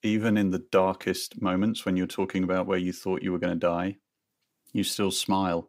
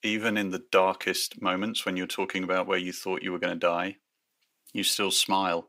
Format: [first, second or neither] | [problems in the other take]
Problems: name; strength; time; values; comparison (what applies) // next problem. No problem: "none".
first | thin; very slightly; fading below 750 Hz